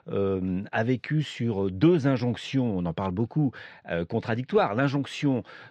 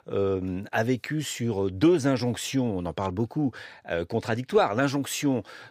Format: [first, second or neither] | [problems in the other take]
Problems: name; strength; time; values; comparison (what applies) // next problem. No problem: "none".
second | muffled; slightly; fading above 3 kHz